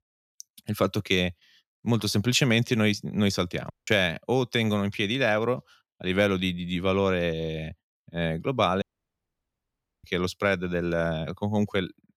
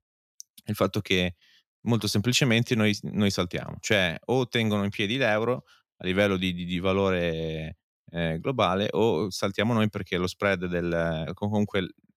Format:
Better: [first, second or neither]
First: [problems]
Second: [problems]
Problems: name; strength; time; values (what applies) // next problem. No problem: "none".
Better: second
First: audio cutting out; at 3.5 s and at 9 s for 1 s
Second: none